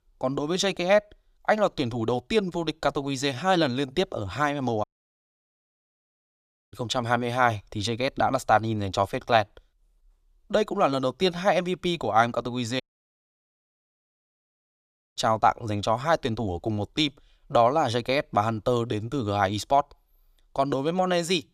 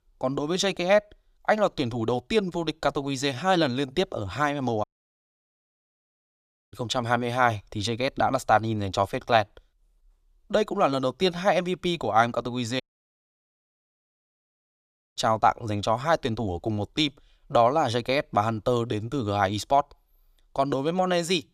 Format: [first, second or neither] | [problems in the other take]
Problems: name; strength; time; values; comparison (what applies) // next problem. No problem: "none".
neither | audio cutting out; at 5 s for 2 s and at 13 s for 2.5 s; the same in both